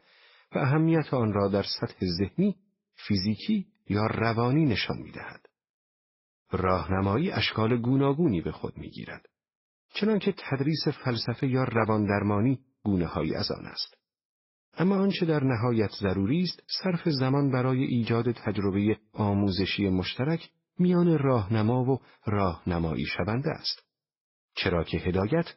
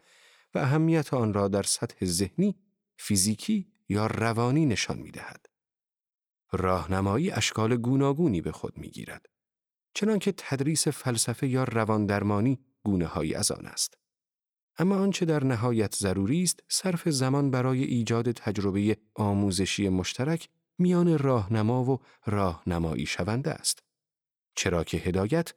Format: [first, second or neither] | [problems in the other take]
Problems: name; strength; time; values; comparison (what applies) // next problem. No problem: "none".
second | garbled, watery; badly; nothing above 5.5 kHz